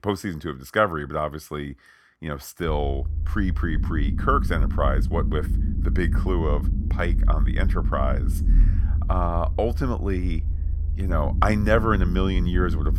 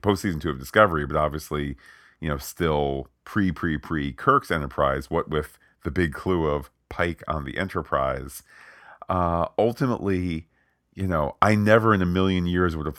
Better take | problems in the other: second | low rumble; noticeable; from 2.5 s on; 15 dB below the speech

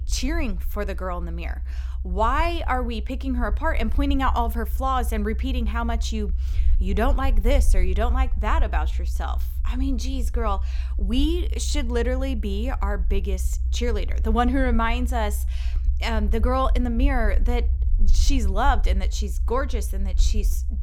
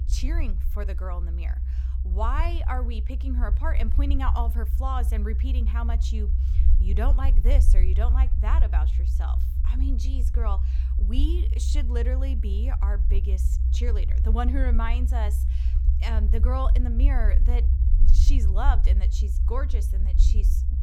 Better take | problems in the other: first | low rumble; loud; throughout; 9 dB below the speech; faint in the first

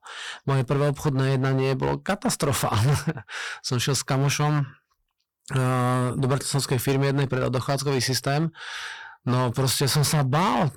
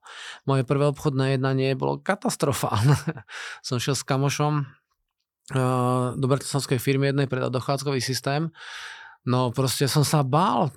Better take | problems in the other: second | distortion; heavy; 13% of the sound clipped

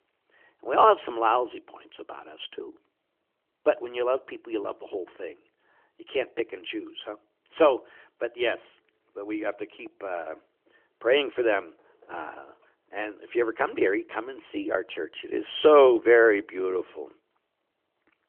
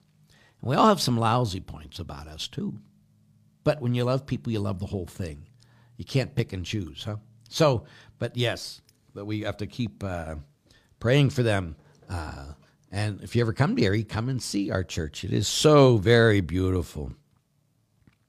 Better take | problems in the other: second | phone-call audio; nothing above 3.5 kHz

